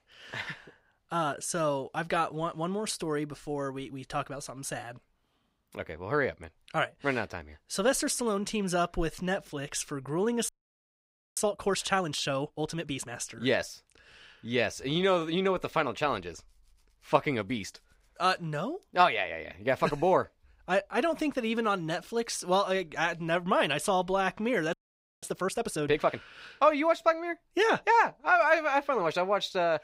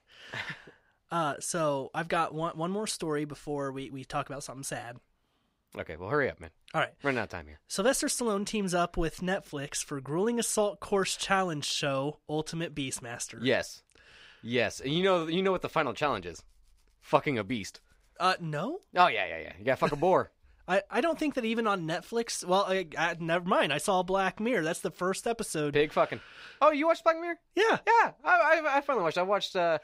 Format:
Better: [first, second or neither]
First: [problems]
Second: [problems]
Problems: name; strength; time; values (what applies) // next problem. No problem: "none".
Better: second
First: audio freezing; at 10 s for 1 s and at 25 s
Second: none